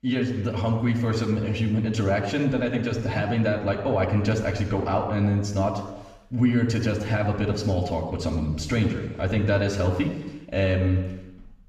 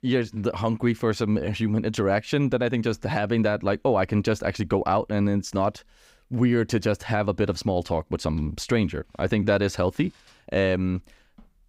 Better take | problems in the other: second | room echo; noticeable; dies away in 1.1 s // off-mic speech; far

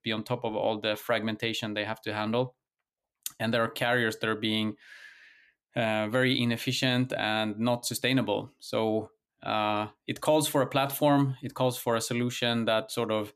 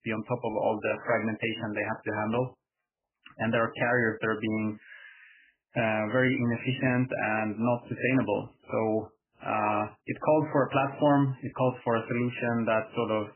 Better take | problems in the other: first | garbled, watery; badly; nothing above 3 kHz

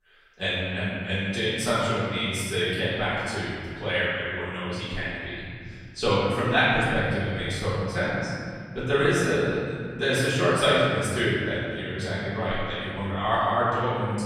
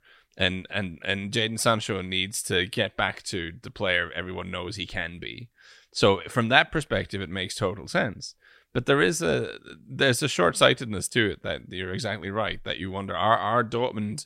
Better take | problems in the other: second | room echo; strong; dies away in 2.4 s // off-mic speech; far

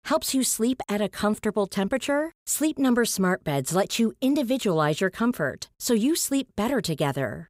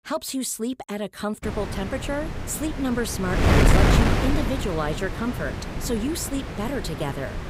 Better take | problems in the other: first | wind noise on the microphone; heavy; from 1.5 s on; 1 dB above the speech

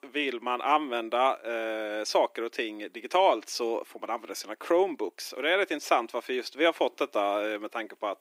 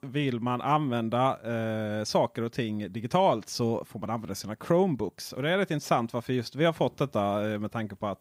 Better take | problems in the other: second | thin; somewhat; fading below 300 Hz

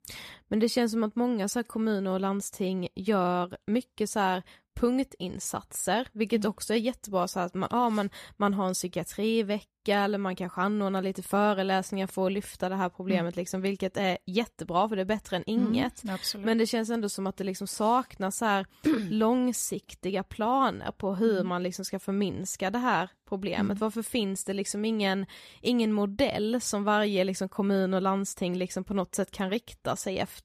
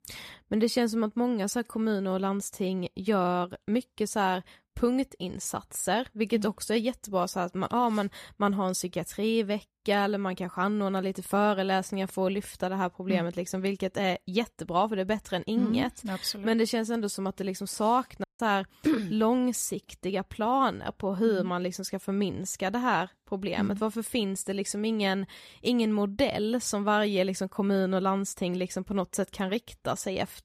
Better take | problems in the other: first | audio cutting out; at 18 s

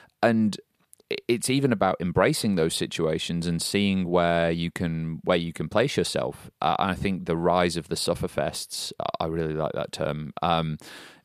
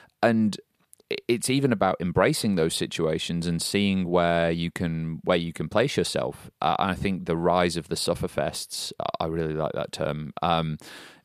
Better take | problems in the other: neither | none

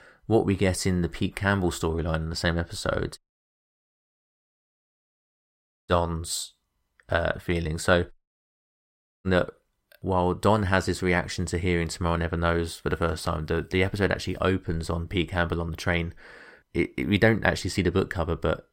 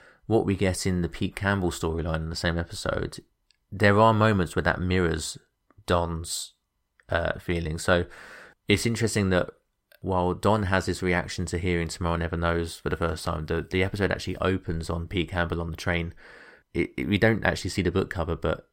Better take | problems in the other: second | audio cutting out; at 3 s for 2.5 s and at 8 s for 1 s

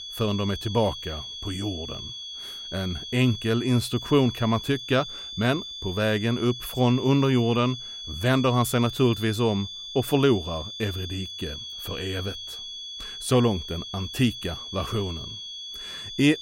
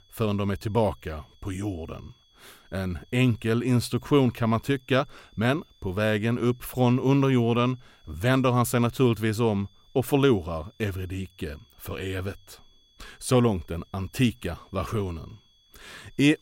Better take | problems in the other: second | high-pitched whine; loud; throughout; 3.5 kHz, 9 dB below the speech; faint in the second

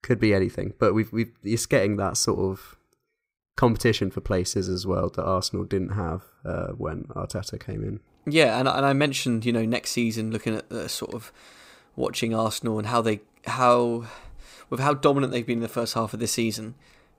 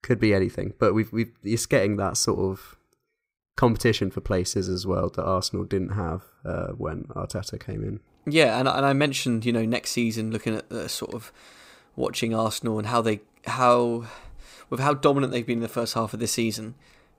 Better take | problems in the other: neither | none

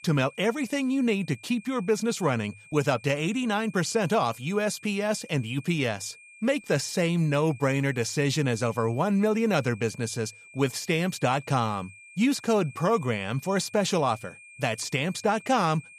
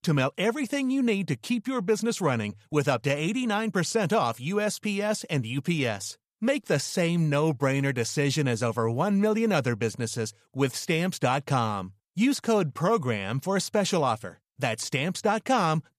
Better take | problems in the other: second | high-pitched whine; faint; throughout; 2.5 kHz, 20 dB below the speech

